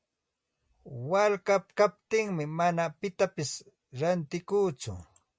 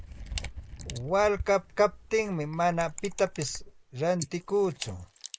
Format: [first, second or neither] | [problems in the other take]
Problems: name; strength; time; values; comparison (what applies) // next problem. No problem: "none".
first | noise reduction (neural mask model Resemble Enhance denoiser)